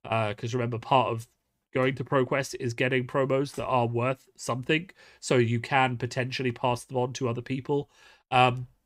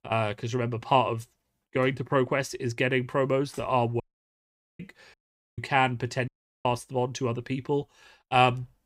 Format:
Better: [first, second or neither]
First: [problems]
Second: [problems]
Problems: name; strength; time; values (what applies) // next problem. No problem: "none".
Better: first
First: none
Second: audio cutting out; at 4 s for 1 s, at 5 s and at 6.5 s